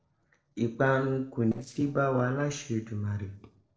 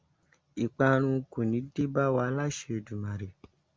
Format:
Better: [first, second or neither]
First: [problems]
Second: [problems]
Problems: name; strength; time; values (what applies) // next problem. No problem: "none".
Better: second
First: noise reduction (neural separator model SepFormer DNS4)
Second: none